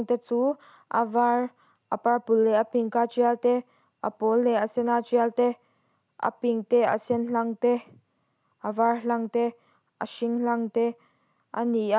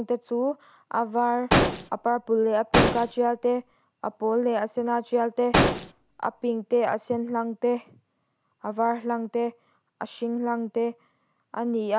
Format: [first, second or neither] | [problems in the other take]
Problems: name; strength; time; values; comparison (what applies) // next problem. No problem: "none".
first | background sound (Explosion); 2 dB above the speech